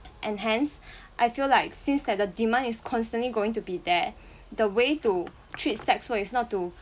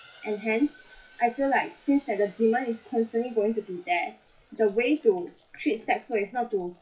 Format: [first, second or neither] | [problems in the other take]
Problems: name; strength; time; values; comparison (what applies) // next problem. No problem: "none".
first | noise reduction (classical method WPE with log-MMSE)